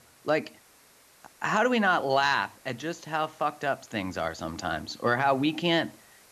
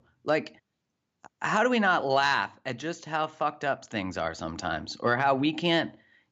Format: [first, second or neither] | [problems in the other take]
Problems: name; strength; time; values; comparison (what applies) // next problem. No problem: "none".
second | hiss; faint; throughout; 25 dB below the speech